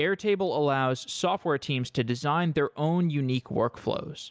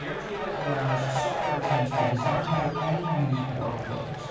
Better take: first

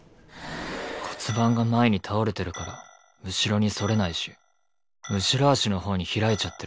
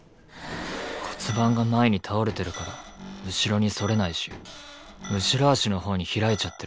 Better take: first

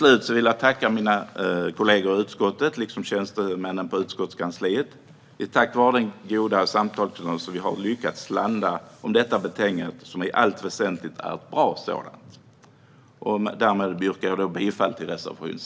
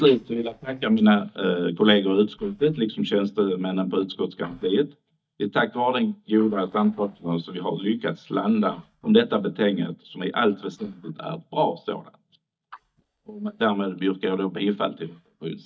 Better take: first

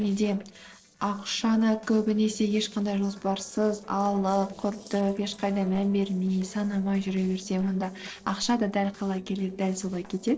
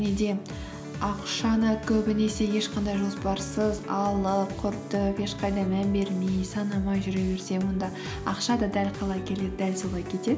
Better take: second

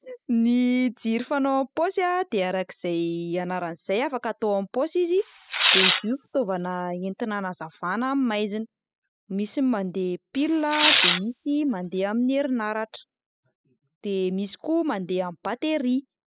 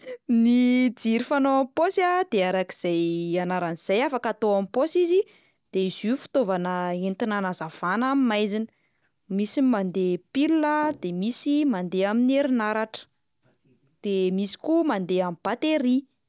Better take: second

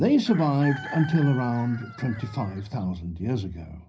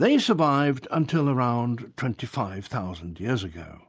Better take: second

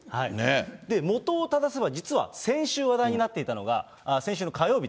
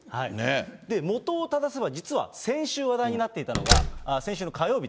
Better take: first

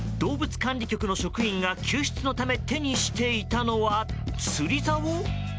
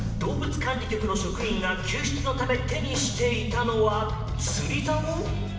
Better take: first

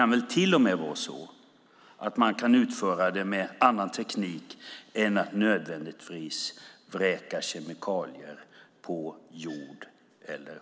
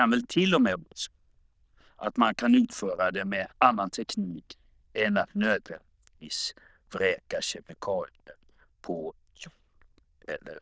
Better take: first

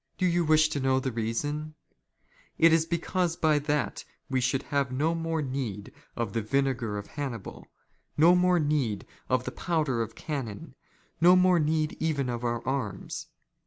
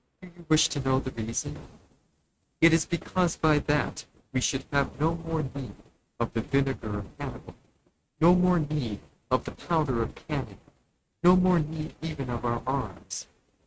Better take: first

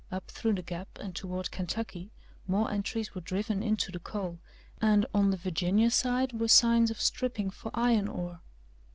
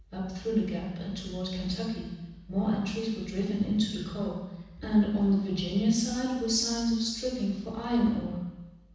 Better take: first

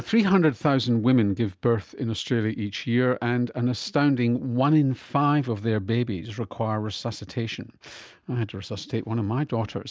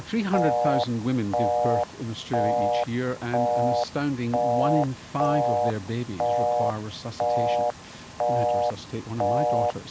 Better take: first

